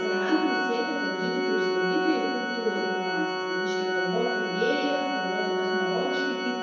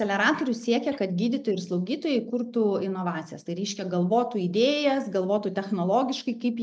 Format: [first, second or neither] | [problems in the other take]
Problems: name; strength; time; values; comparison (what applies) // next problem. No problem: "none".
second | background sound (Organ); 2 dB above the speech // room echo; dies away in 1.1 s